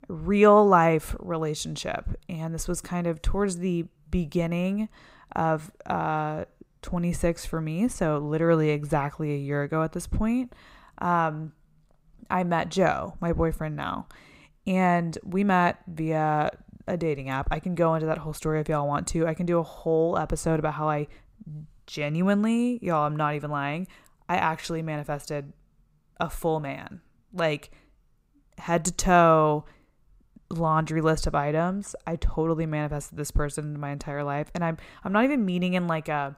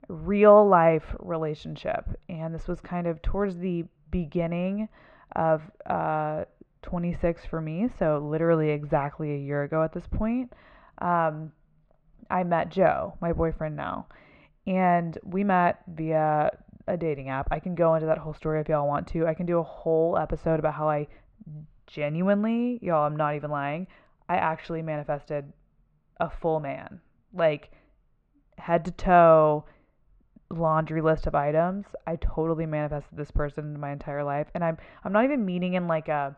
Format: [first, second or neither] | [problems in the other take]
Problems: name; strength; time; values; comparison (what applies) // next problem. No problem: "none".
first | muffled; very; fading above 3 kHz